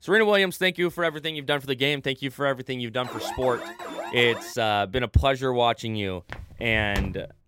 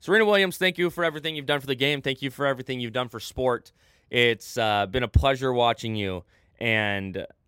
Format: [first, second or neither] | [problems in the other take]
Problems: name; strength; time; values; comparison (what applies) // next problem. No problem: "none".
second | alarm; noticeable; from 3 to 4.5 s; peak 9 dB below the speech // footsteps; noticeable; at 6.5 s; peak 7 dB below the speech